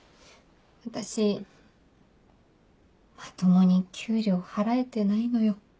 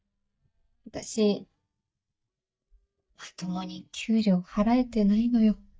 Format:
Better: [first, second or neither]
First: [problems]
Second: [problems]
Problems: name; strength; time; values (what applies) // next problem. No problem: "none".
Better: first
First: none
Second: noise reduction (neural mask model DeepFilterNet 3)